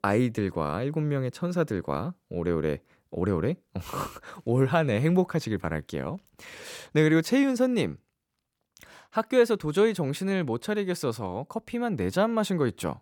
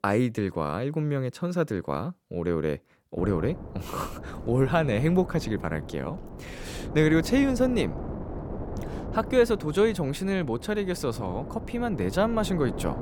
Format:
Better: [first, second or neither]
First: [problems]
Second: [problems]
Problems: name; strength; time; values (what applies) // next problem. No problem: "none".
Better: first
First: none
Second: wind noise on the microphone; occasional gusts; from 3 s on; 15 dB below the speech